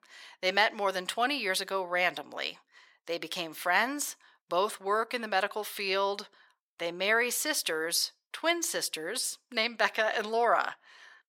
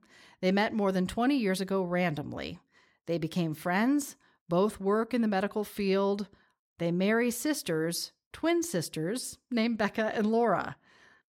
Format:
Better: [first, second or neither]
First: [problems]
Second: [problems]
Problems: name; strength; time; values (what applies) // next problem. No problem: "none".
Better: second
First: thin; very; fading below 700 Hz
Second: none